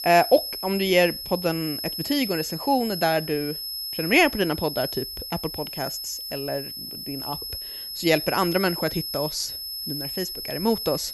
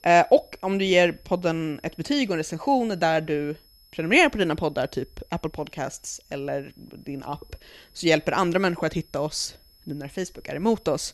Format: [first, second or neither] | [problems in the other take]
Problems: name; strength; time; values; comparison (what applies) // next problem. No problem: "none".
second | high-pitched whine; loud; throughout; 5 kHz, 6 dB below the speech; faint in the second